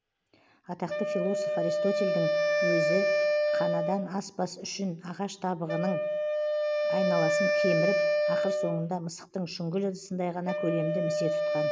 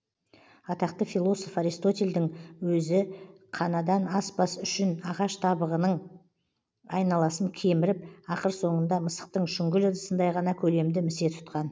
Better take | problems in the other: second | background sound (Wind instrument, woodwind instrument); 4 dB above the speech

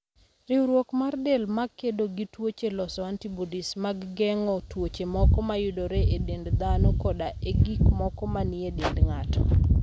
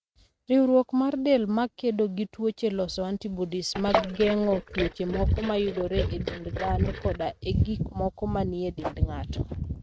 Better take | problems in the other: first | noise reduction (neural mask model RNNoise)

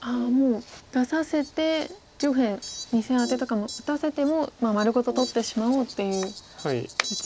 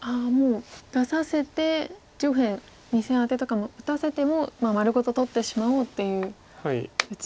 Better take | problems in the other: second | background sound (Brass instrument + Fowl); 15 dB below the speech

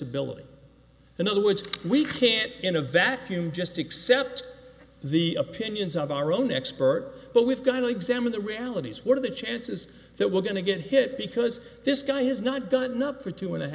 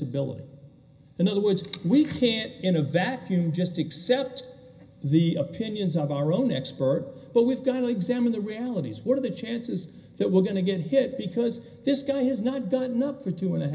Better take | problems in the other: first | room echo; dies away in 0.4 s

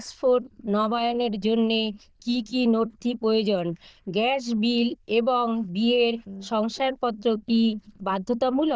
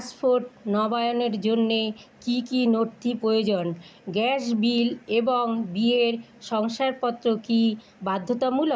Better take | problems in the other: second | noise reduction (neural diffusion model UNIVERSE++)

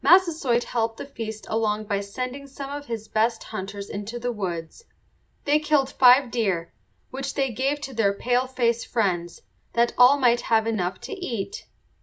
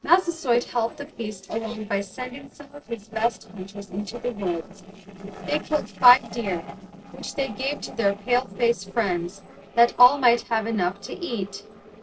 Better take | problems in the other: first | noise reduction (neural separator model SepFormer DNS4)

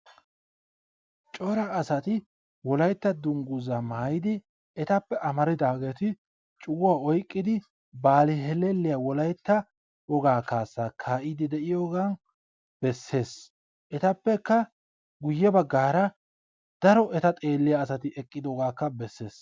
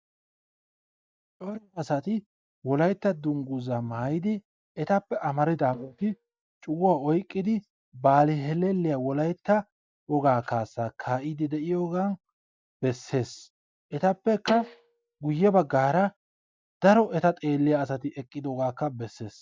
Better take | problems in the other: first | noise reduction (neural mask model DeepFilterNet 3)

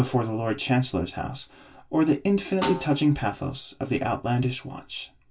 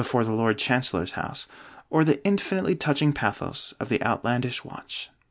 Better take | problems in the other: second | background sound (Snare drum); 13 dB below the speech // room echo; dies away in 0.1 s

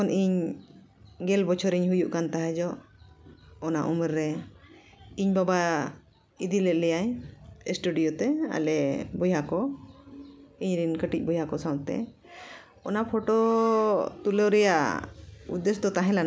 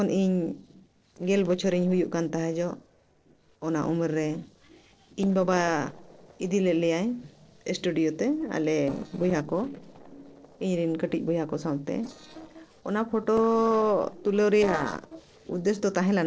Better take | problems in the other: first | noise reduction (neural separator model SepFormer DNS4)

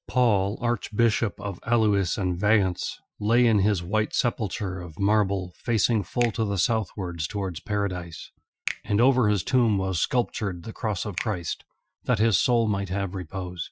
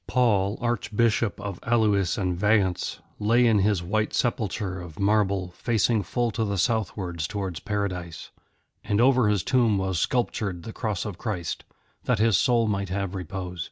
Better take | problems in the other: second | noise reduction (classical method Wiener filter)

